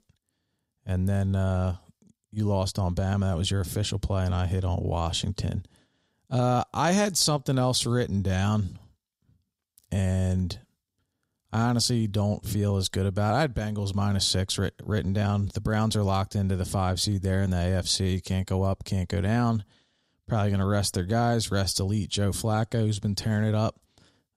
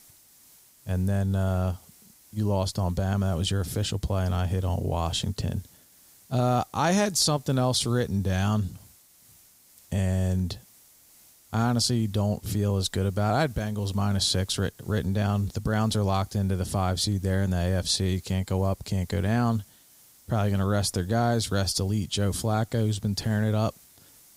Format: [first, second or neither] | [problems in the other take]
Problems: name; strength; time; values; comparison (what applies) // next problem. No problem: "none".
first | hiss; faint; throughout; 25 dB below the speech